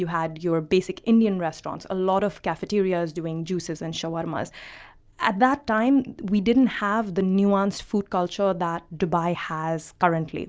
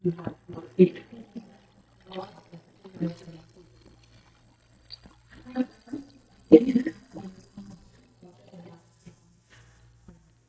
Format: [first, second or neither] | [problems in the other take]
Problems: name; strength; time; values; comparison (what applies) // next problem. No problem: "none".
first | noise reduction (neural mask model DeepFilterNet 3)